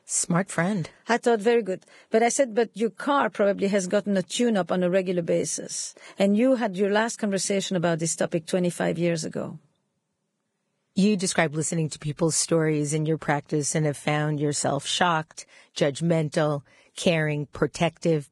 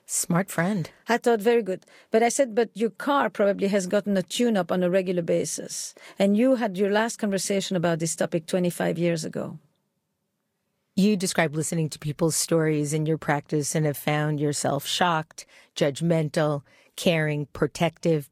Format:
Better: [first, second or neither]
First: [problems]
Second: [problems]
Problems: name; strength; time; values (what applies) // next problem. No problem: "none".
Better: second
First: garbled, watery; badly; nothing above 10 kHz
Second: garbled, watery; slightly; nothing above 15 kHz